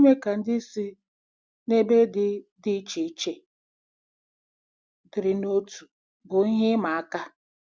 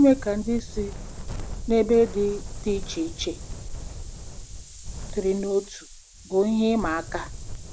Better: first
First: none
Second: background sound (Wind); 9 dB below the speech

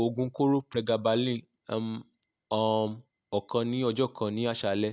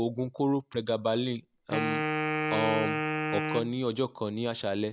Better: first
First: none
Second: background sound (Wind instrument, woodwind instrument); 1 dB below the speech

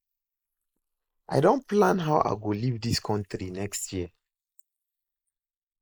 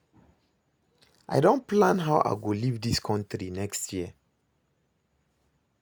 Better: second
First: noise reduction (neural mask model Resemble Enhance denoiser)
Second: none

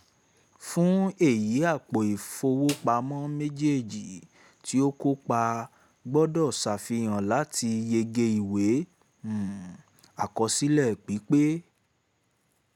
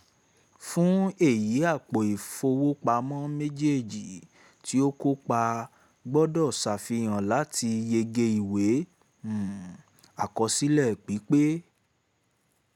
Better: second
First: background sound (Snare drum); 18 dB below the speech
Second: none

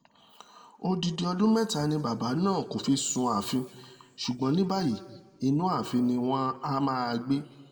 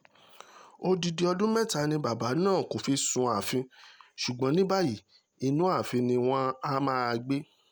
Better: second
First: room echo; dies away in 1.2 s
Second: none

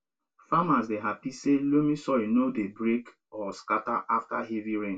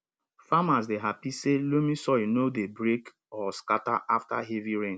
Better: second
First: room echo; dies away in 0.1 s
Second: none

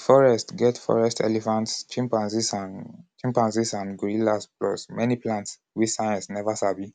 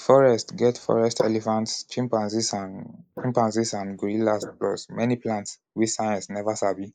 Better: first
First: none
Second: noise reduction (neural mask model Resemble Enhance denoiser)

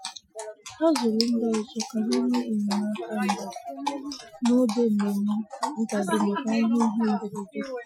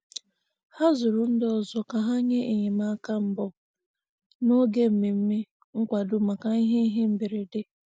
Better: second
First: noise reduction (classical method Wiener filter)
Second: none

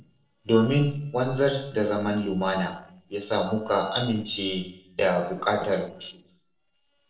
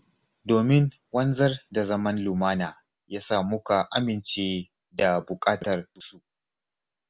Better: second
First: noise reduction (neural separator model SepFormer DNS4)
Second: none

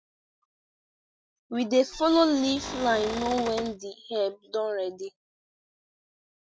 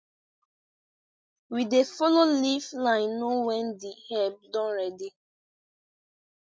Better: second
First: background sound (Cupboard open or close / Door); 9 dB below the speech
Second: none

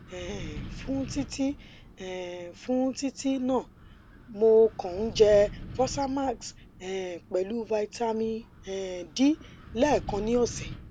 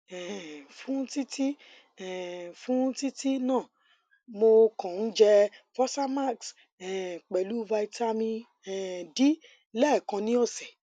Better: second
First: background sound (Wind); 15 dB below the speech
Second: none

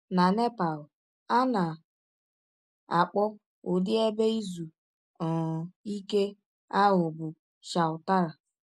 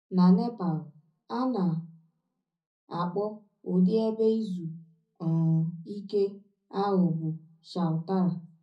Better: first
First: none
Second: room echo; dies away in 0.4 s

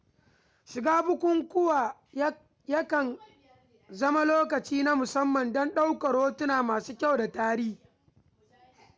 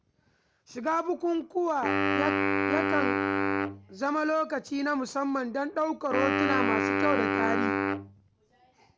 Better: first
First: none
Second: background sound (Wind instrument, woodwind instrument); 2 dB above the speech

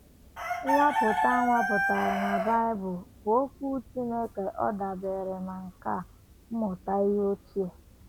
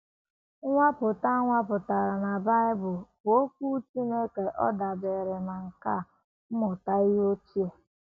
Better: second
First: background sound (Chicken, rooster); 4 dB below the speech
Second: none

